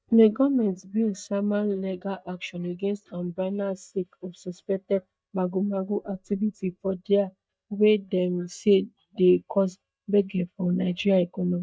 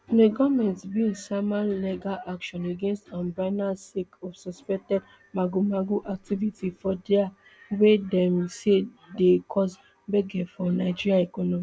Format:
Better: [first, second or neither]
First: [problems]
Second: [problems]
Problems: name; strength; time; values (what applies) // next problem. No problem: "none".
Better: second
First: noise reduction (neural mask model DeepFilterNet 3)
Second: none